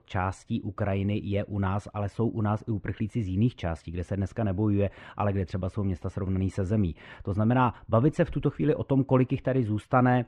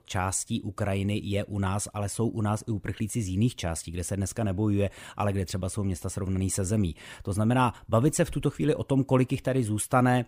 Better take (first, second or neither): second